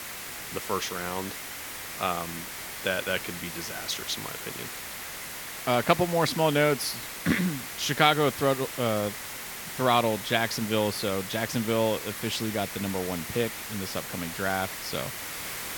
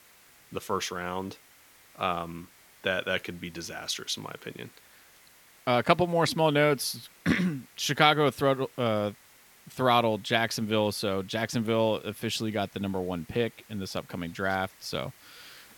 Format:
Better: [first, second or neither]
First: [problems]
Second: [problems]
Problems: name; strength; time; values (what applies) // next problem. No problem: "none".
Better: second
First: hiss; loud; throughout; 7 dB below the speech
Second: hiss; faint; throughout; 25 dB below the speech